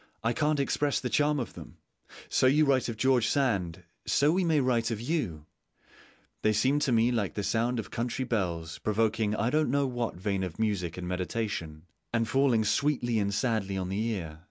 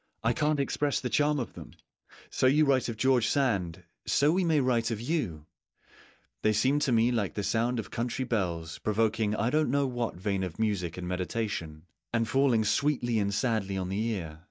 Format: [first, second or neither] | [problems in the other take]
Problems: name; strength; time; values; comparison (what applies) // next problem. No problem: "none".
first | noise reduction (neural mask model DeepFilterNet 3)